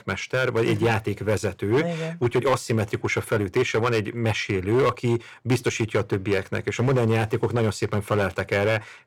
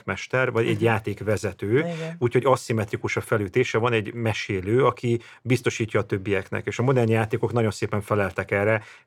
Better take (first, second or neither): second